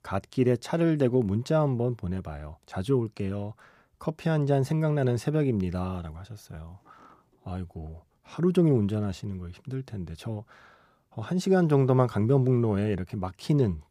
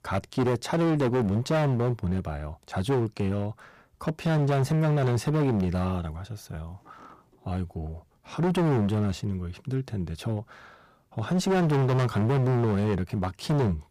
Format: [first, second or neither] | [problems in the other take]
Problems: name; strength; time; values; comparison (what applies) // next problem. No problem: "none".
first | distortion; heavy; 16% of the sound clipped